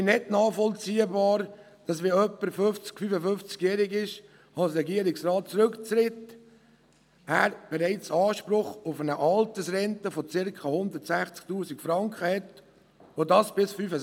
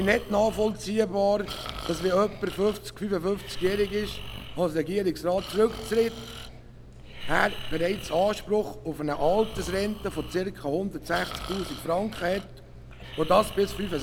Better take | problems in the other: first | background sound (Breathing); 10 dB below the speech

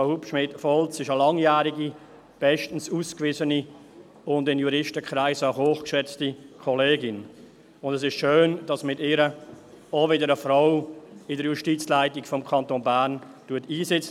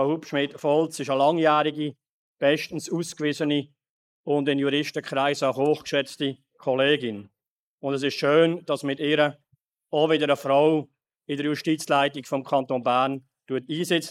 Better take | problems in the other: first | noise reduction (neural mask model Resemble Enhance denoiser)

